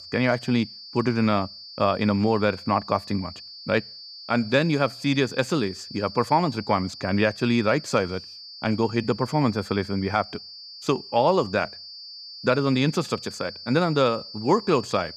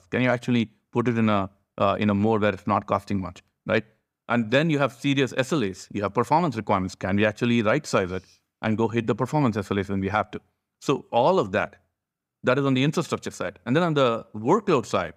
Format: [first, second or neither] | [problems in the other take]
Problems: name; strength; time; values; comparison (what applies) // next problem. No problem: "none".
second | high-pitched whine; noticeable; throughout; 4.5 kHz, 15 dB below the speech